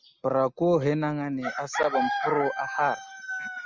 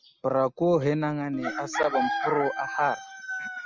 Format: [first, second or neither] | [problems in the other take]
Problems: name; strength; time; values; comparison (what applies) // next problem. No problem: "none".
first | background sound (Guitar); 17 dB below the speech